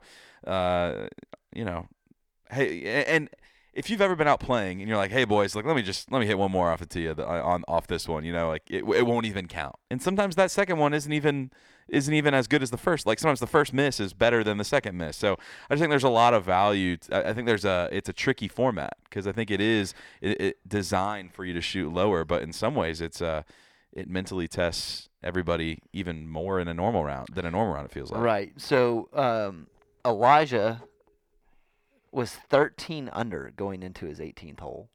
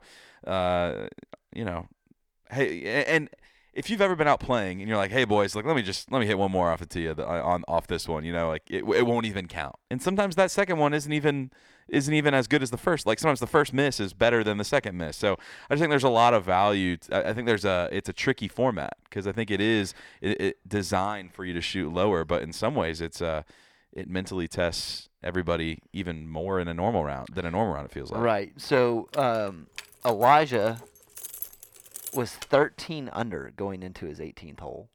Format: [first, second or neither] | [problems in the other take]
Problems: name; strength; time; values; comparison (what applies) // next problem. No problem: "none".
first | jangling keys; noticeable; from 29 to 32 s; peak 9 dB below the speech